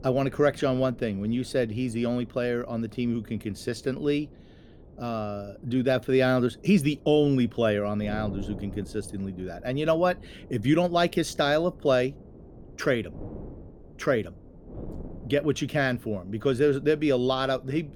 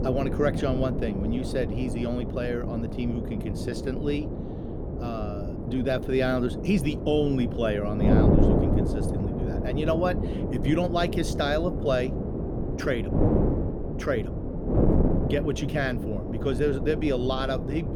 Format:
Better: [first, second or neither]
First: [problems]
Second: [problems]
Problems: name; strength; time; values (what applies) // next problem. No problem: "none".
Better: first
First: wind noise on the microphone; occasional gusts; 25 dB below the speech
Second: wind noise on the microphone; heavy; 4 dB below the speech